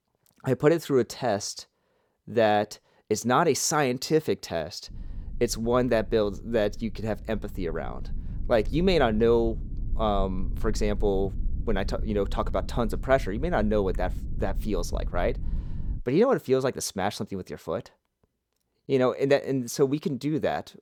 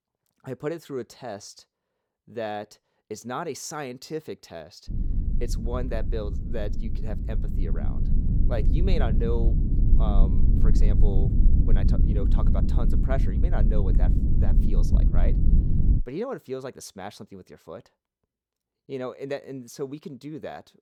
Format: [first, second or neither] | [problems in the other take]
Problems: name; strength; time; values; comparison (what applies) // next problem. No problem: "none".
first | low rumble; loud; from 5 to 16 s; 4 dB below the speech; faint in the first